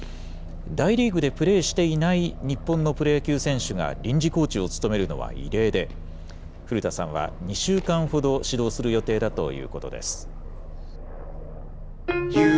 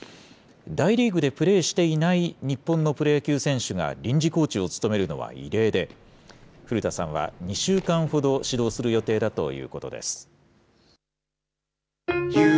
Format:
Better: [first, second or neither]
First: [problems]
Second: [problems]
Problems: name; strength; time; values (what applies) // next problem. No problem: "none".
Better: second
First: background sound (Aircraft); 10 dB below the speech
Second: none